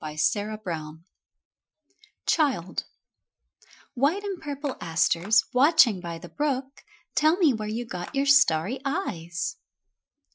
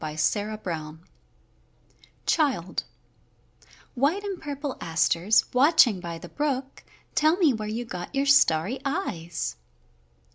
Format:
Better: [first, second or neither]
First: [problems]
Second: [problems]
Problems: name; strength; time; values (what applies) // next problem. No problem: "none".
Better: second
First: noise reduction (classical method Wiener filter)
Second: none